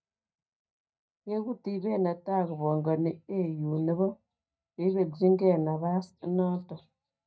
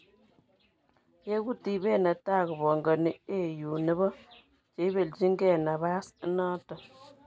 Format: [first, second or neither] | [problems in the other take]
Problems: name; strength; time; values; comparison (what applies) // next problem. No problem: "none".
second | noise reduction (neural mask model DeepFilterNet 3)